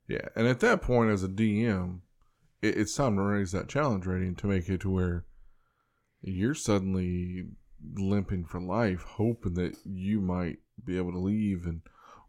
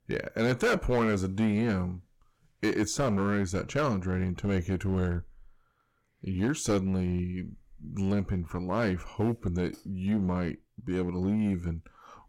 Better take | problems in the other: first | distortion; slight; 6% of the sound clipped

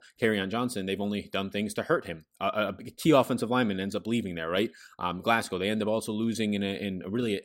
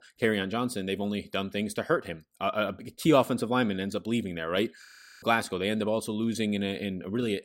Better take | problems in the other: first | audio freezing; at 5 s

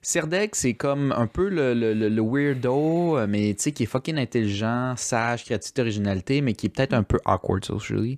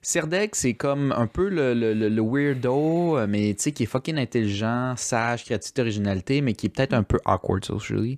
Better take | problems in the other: neither | none

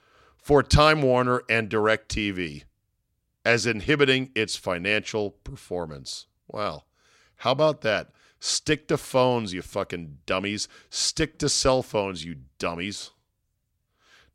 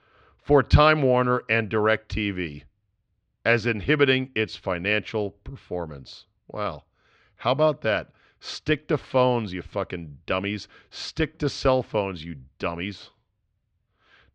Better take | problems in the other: first | muffled; slightly; fading above 3.5 kHz

